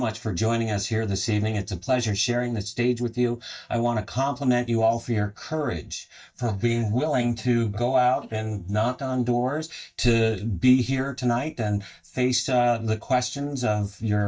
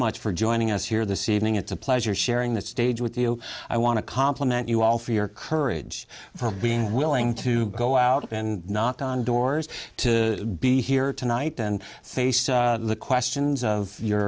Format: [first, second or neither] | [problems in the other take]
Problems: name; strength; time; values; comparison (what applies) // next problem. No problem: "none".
second | noise reduction (neural mask model DeepFilterNet 3)